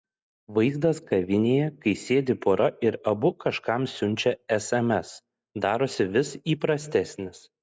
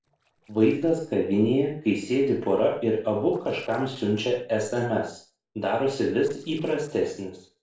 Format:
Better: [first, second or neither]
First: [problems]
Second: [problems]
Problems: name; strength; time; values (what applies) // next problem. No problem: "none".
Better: first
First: none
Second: noise reduction (neural separator model SepFormer DNS4)